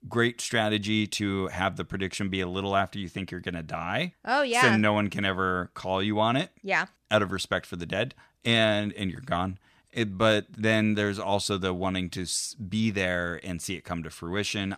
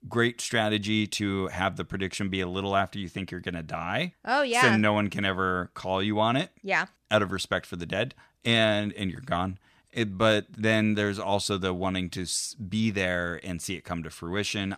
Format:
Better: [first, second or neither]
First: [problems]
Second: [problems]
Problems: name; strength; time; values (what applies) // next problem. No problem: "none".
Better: neither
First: none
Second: none